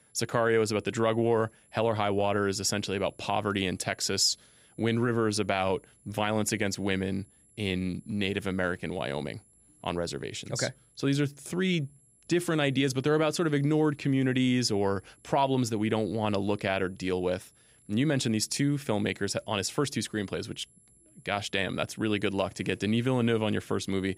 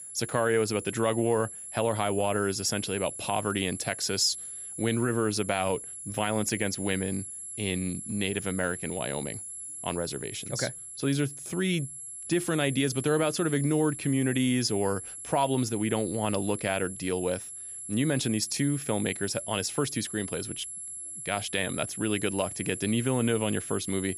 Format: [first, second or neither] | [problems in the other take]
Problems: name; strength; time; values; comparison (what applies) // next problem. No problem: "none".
first | high-pitched whine; loud; throughout; 11 kHz, 8 dB below the speech; faint in the first